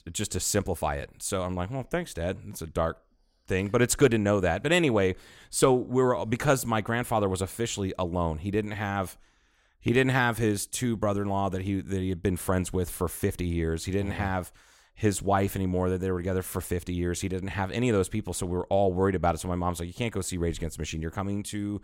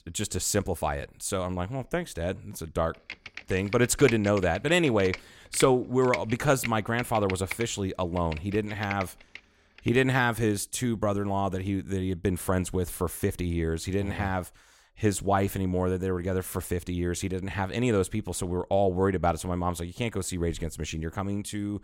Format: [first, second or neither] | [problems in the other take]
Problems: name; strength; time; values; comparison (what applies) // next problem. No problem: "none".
first | keyboard typing; noticeable; from 3 to 9.5 s; peak 6 dB below the speech